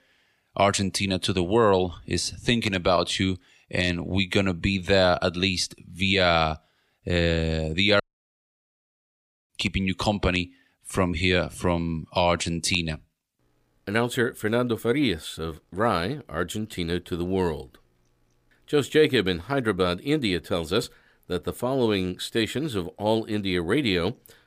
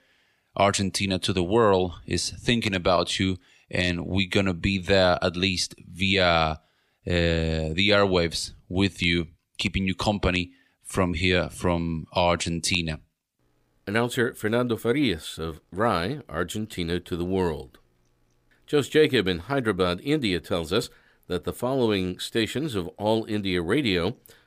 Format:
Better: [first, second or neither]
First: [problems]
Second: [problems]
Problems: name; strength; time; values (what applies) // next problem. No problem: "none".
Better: second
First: audio cutting out; at 8 s for 1.5 s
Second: none